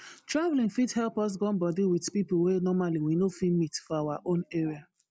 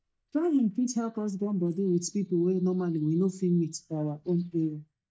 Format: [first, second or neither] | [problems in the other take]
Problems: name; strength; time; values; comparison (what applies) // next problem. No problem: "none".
first | noise reduction (neural mask model DeepFilterNet 3)